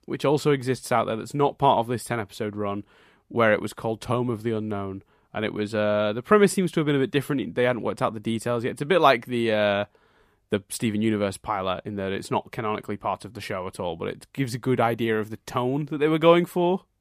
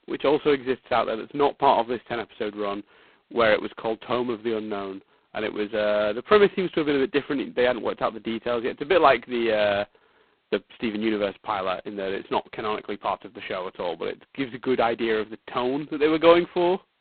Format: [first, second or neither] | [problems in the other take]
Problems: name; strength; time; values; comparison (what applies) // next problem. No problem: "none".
first | phone-call audio; poor line; nothing above 4 kHz